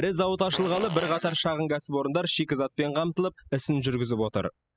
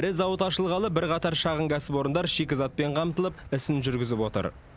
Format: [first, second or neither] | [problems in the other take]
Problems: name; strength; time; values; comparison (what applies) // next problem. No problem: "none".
second | noise reduction (classical method spectral subtraction)